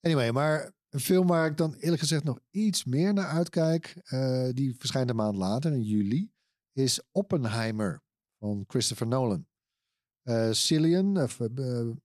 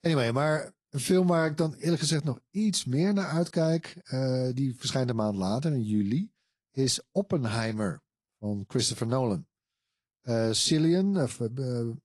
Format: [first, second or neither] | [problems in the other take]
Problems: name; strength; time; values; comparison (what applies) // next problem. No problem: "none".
first | garbled, watery; slightly; nothing above 11 kHz